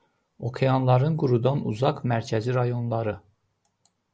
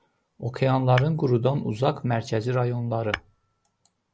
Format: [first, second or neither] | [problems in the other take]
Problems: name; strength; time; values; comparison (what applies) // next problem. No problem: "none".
first | background sound (Tap / Hammer); 14 dB below the speech